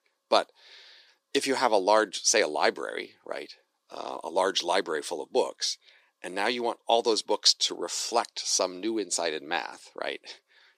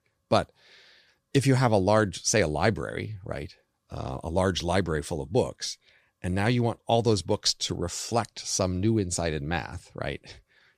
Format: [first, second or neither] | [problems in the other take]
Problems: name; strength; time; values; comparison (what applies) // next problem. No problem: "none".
second | thin; somewhat; fading below 300 Hz